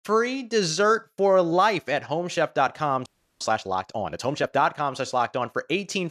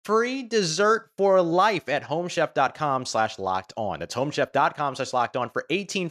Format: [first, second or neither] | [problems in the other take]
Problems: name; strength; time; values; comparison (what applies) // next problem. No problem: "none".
second | audio freezing; at 3 s